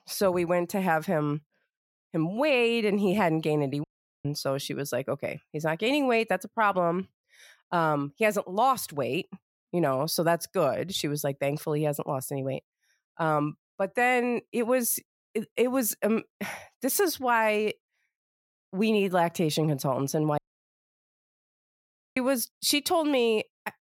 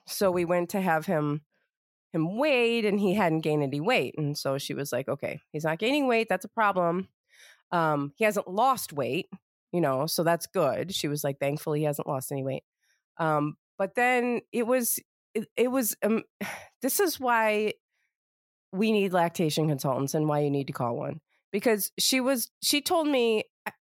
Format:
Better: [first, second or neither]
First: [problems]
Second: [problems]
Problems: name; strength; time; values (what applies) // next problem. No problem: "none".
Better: second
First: audio cutting out; at 4 s and at 20 s for 2 s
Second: none